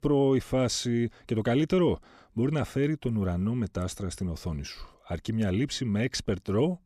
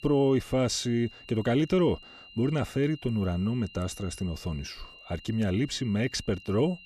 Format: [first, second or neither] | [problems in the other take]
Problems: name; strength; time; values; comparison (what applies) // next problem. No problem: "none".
first | high-pitched whine; noticeable; throughout; 3 kHz, 20 dB below the speech